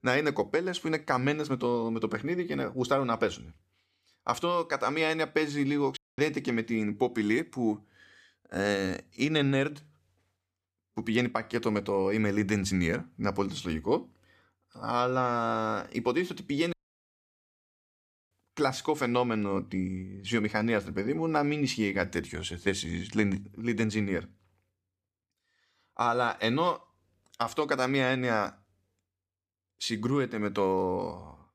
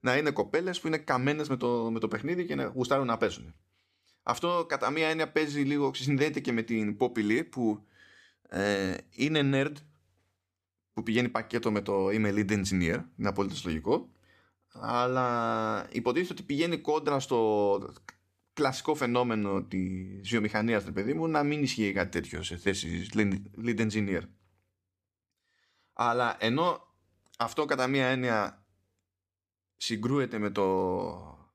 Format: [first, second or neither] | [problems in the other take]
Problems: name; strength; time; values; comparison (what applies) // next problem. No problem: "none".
second | audio cutting out; at 6 s and at 17 s for 1.5 s